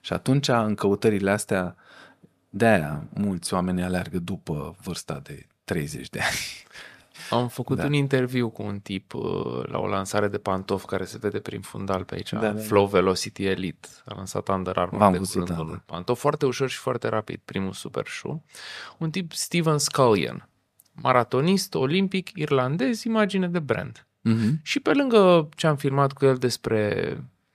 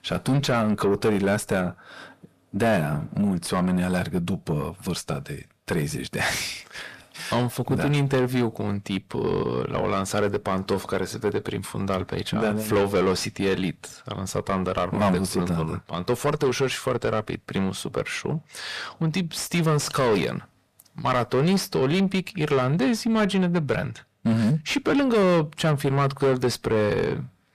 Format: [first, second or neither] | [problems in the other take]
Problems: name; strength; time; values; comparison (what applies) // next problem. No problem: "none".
first | distortion; heavy; 6 dB below the speech